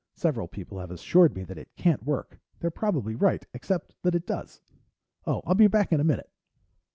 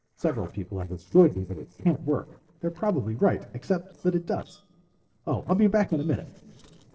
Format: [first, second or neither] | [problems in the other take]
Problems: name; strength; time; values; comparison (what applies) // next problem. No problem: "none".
first | noise reduction (neural separator model SepFormer DNS4)